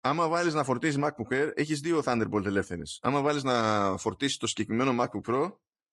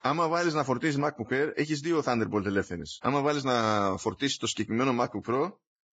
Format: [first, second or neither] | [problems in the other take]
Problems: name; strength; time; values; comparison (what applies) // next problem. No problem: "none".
first | garbled, watery; badly; nothing above 7.5 kHz; slightly in the first